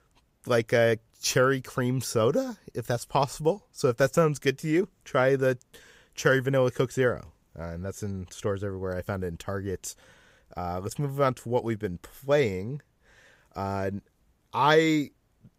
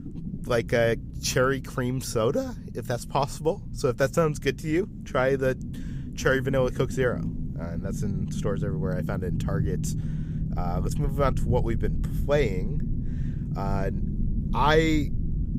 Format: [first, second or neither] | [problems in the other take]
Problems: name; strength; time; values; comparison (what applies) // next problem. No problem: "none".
first | low rumble; noticeable; throughout; 15 dB below the speech